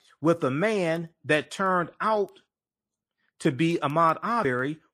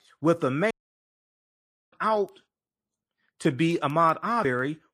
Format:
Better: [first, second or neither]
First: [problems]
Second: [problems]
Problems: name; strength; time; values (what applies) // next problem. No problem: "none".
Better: first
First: none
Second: audio cutting out; at 0.5 s for 1 s